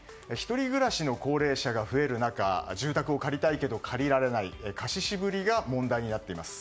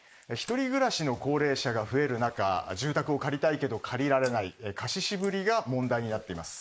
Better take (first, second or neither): first